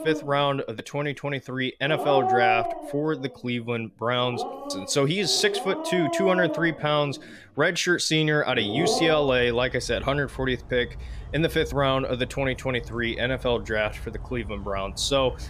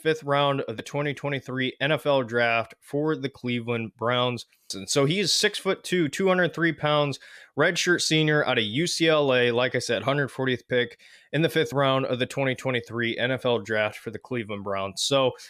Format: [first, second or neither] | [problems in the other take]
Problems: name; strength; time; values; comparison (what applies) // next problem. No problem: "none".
second | animal sounds; loud; throughout; 7 dB below the speech